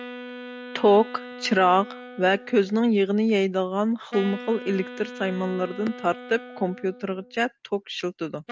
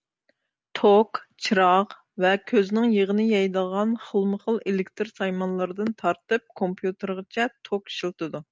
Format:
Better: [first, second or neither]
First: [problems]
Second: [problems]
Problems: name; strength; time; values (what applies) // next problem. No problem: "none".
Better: second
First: background sound (Wind instrument, woodwind instrument); 16 dB below the speech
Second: none